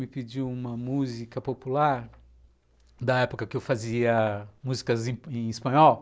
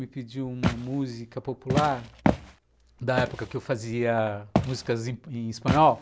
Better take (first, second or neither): first